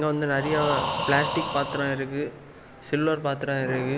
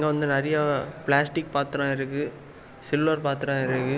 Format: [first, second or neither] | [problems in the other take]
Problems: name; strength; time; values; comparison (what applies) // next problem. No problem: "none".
second | background sound (Breathing); 6 dB below the speech